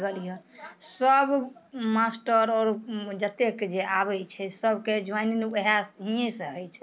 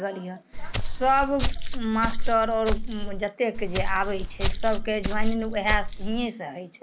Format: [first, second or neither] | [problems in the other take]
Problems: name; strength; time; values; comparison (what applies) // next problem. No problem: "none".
first | background sound (Walk, footsteps); 2 dB above the speech